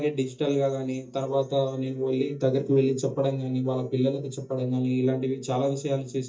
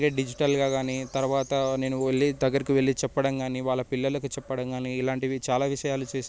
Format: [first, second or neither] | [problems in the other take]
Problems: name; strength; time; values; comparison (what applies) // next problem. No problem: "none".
second | noise reduction (neural mask model DeepFilterNet 3)